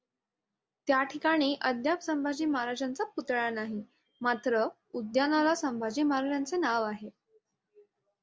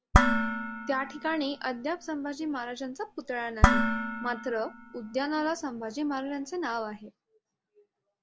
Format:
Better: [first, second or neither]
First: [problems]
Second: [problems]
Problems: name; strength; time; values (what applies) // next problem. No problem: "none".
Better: first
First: none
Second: background sound (Dishes, pots, and pans); 3 dB above the speech